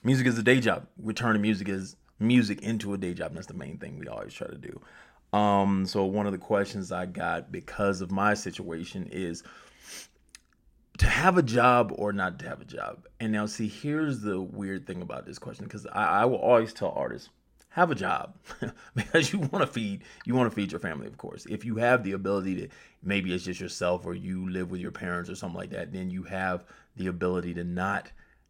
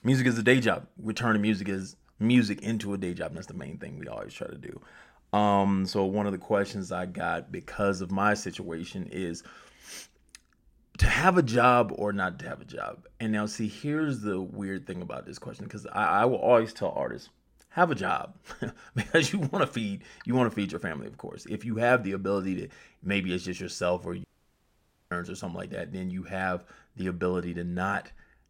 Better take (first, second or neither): first